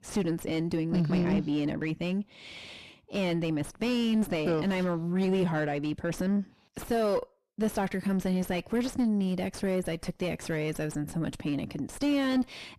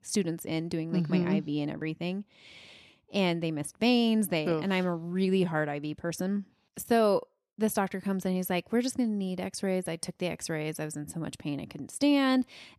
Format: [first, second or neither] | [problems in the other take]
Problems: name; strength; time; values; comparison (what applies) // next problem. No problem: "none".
second | distortion; heavy; 5 dB below the speech